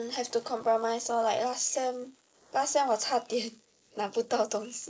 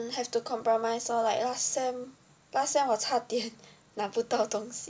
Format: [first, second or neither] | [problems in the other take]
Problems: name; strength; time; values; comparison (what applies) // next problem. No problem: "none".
second | noise reduction (neural mask model Resemble Enhance denoiser)